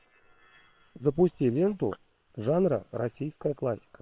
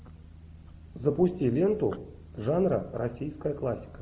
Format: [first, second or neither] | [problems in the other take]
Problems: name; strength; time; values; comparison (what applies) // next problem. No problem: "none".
second | noise reduction (neural separator model SepFormer WHAM!)